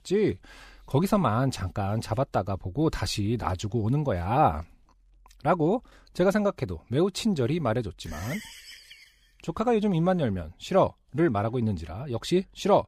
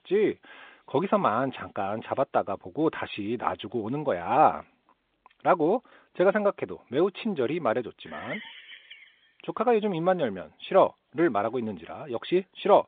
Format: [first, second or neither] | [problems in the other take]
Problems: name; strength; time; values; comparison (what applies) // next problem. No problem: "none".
first | phone-call audio; nothing above 3.5 kHz